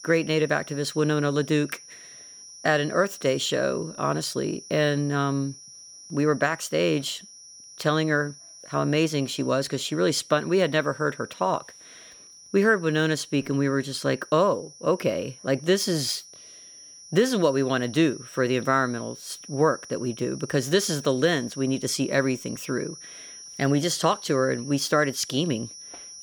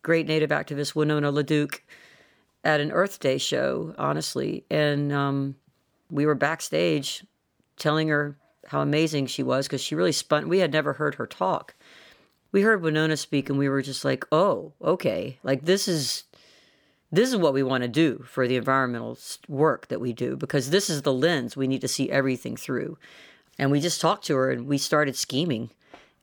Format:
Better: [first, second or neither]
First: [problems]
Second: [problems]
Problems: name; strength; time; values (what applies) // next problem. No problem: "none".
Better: second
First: high-pitched whine; noticeable; throughout; 6 kHz, 15 dB below the speech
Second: none